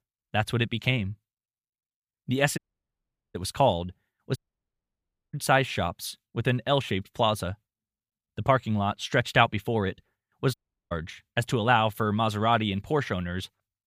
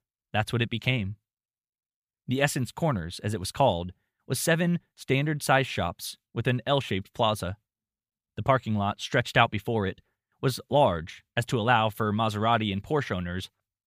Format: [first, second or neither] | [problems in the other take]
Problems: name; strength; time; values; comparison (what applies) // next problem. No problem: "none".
second | audio cutting out; at 2.5 s for 1 s, at 4.5 s for 1 s and at 11 s